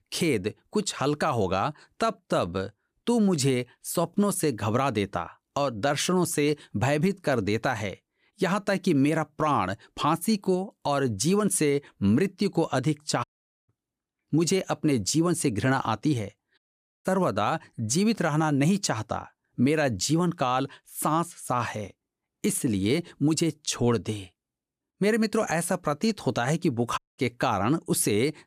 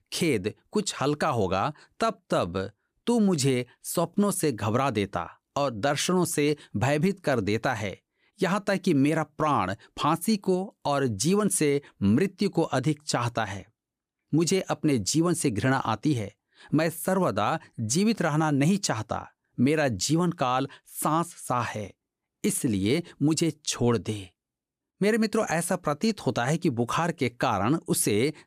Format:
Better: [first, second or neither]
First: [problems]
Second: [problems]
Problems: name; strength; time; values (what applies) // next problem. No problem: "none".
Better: second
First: audio cutting out; at 13 s, at 17 s and at 27 s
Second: none